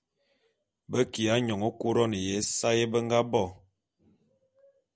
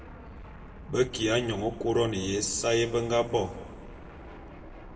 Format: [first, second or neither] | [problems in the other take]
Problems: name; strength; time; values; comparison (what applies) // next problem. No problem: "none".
first | background sound (Fixed-wing aircraft, airplane); 14 dB below the speech // room echo; dies away in 1.3 s